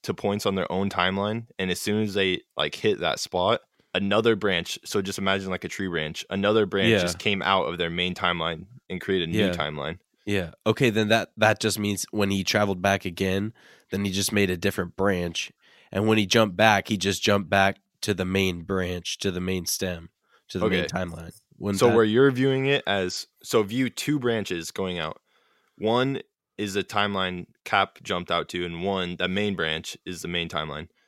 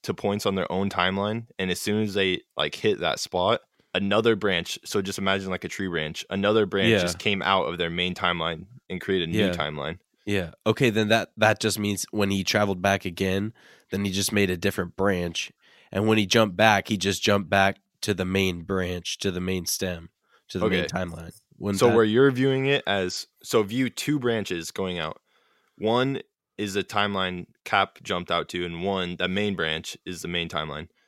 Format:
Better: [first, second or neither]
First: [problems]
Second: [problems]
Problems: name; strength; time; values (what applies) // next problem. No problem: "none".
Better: neither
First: none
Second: none